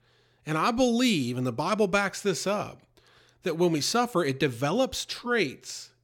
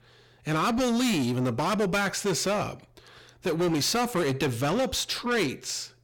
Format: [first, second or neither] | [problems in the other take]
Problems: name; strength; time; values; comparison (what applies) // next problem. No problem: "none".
first | distortion; heavy; 8 dB below the speech